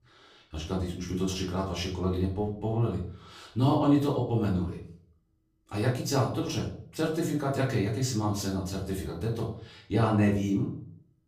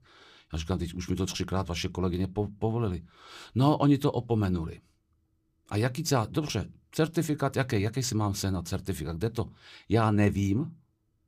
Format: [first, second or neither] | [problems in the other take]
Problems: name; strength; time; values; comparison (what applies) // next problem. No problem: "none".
second | off-mic speech; far // room echo; slight; dies away in 0.4 s